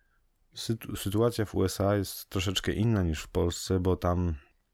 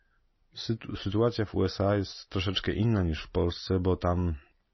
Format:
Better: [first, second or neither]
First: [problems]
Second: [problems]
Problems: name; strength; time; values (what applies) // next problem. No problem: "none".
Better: first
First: none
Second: garbled, watery; slightly; nothing above 6 kHz